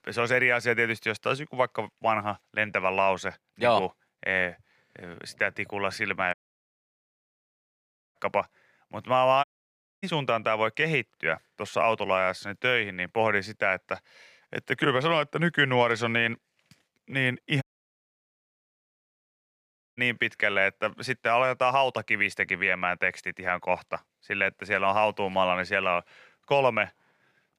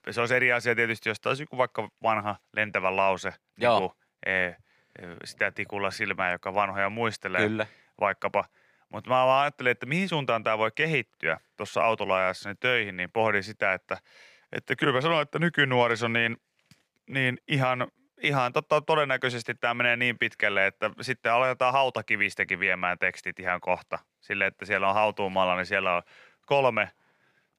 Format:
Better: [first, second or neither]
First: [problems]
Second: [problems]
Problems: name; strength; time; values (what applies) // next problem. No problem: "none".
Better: second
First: audio cutting out; at 6.5 s for 2 s, at 9.5 s for 0.5 s and at 18 s for 2.5 s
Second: none